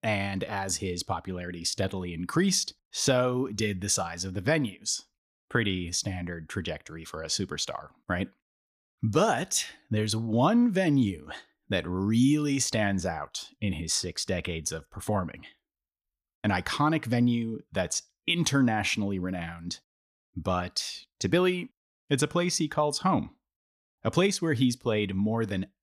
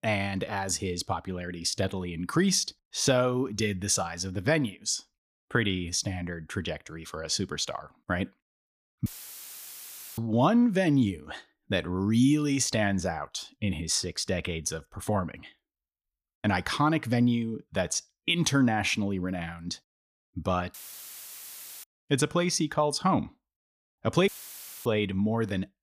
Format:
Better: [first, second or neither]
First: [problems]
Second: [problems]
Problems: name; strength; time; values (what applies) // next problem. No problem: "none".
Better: first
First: none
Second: audio cutting out; filled with static; at 9 s for 1 s, at 21 s for 1 s and at 24 s for 0.5 s